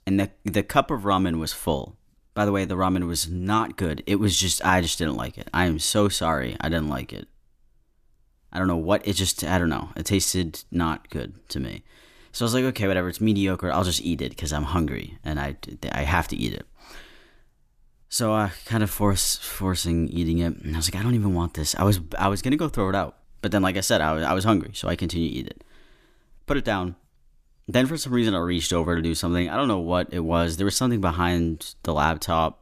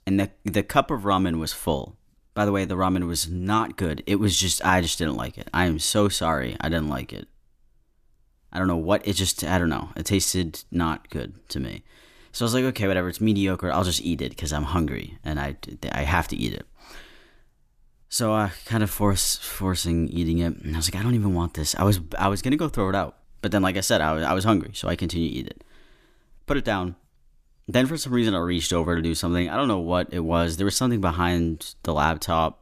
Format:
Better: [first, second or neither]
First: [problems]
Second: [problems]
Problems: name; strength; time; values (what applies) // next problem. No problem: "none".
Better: neither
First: none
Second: none